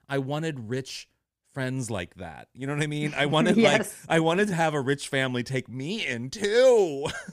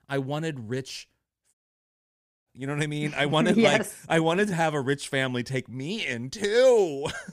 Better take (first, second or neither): first